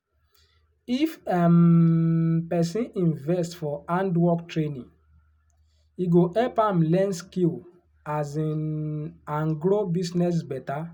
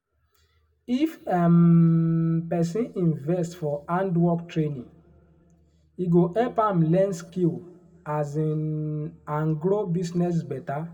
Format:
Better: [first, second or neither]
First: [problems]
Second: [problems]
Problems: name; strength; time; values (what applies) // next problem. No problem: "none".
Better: first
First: none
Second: room echo; dies away in 1.3 s